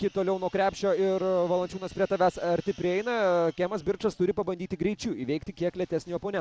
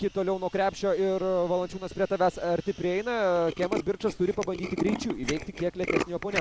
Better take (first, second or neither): first